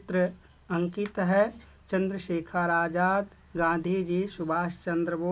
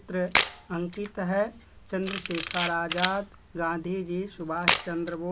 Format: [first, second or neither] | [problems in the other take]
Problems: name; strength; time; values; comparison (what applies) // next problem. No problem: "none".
first | background sound (Camera); 2 dB below the speech